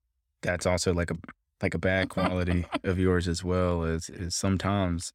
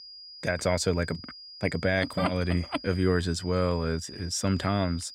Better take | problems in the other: first | high-pitched whine; noticeable; throughout; 5 kHz, 15 dB below the speech

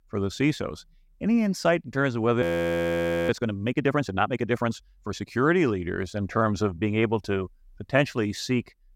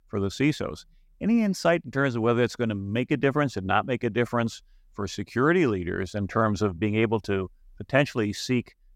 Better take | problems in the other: second | audio freezing; at 2.5 s for 1 s

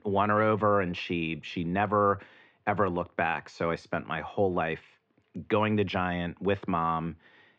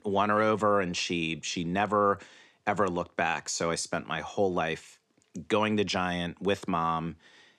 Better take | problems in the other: second | muffled; very; fading above 3 kHz

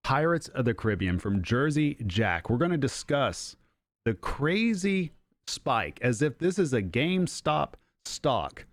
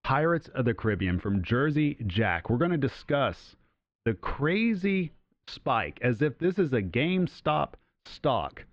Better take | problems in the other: first | muffled; slightly; fading above 3.5 kHz

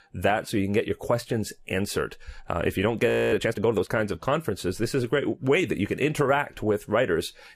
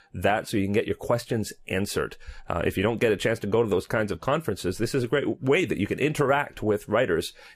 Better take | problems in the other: second | audio freezing; at 3 s

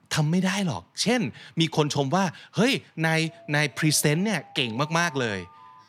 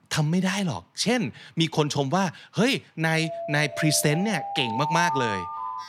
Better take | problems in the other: first | alarms or sirens; loud; from 3 s on; 6 dB below the speech; faint in the first

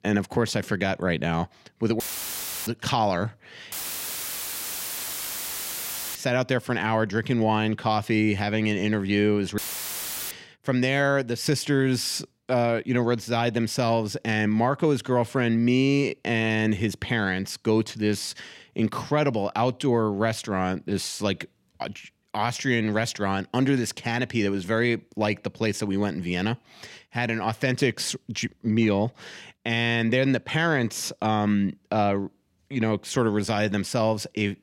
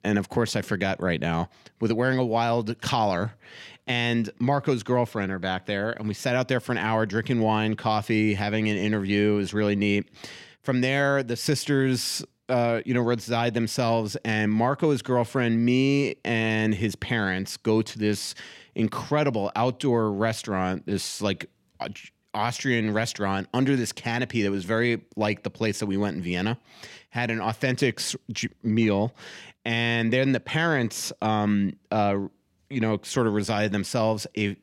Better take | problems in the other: second | audio cutting out; filled with static; at 2 s for 0.5 s, at 3.5 s for 2.5 s and at 9.5 s for 0.5 s

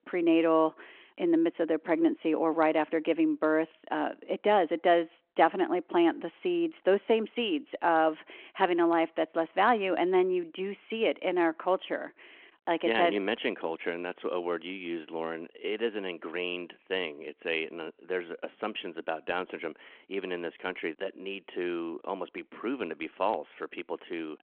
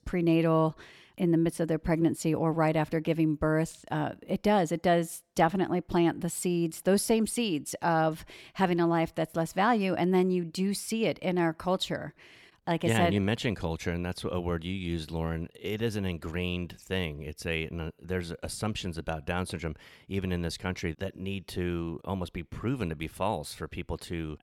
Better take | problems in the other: second | phone-call audio

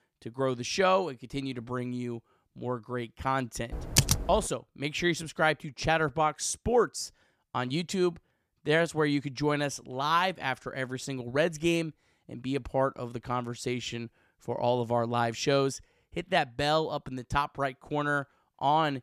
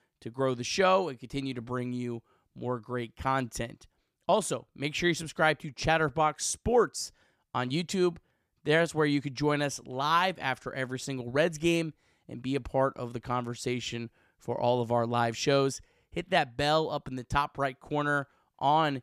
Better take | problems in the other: second | keyboard typing; loud; at 3.5 s; peak 5 dB above the speech

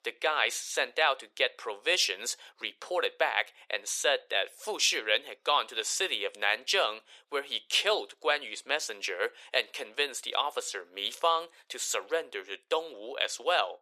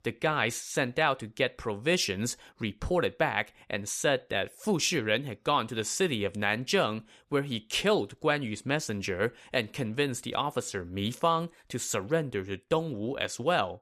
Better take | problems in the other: second | thin; very; fading below 450 Hz

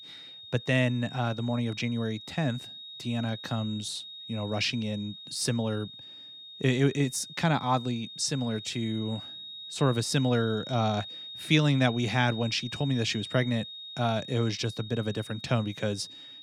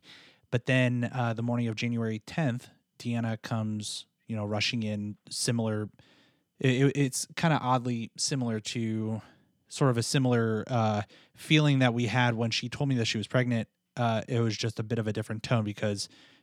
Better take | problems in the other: second | high-pitched whine; noticeable; throughout; 3.5 kHz, 10 dB below the speech

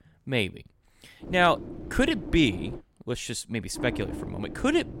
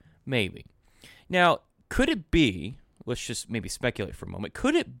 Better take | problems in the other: second | wind noise on the microphone; occasional gusts; from 1 to 3 s and from 4 s on; 15 dB below the speech

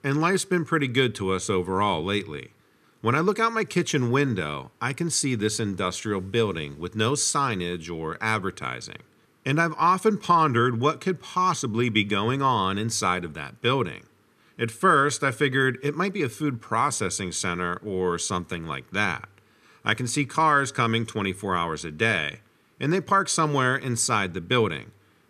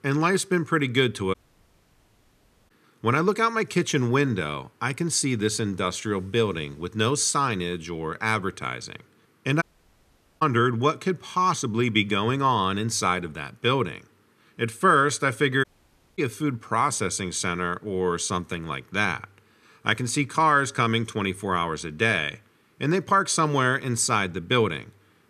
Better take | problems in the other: first | audio cutting out; at 1.5 s for 1.5 s, at 9.5 s for 1 s and at 16 s for 0.5 s

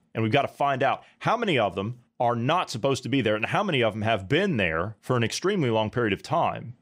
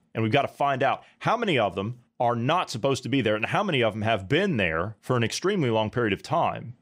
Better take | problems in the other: neither | none

